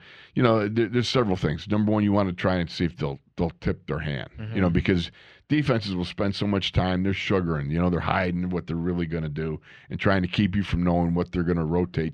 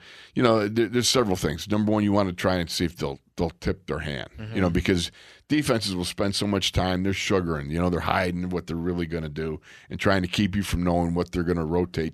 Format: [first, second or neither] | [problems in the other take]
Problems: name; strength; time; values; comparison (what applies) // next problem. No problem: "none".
second | muffled; very slightly; fading above 3 kHz